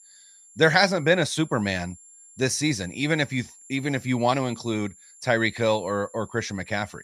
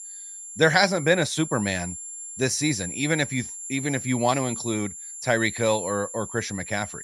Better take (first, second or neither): first